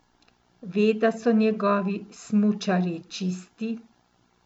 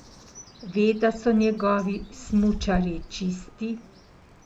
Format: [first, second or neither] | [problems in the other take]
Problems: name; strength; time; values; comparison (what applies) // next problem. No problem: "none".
first | background sound (Bird); 14 dB below the speech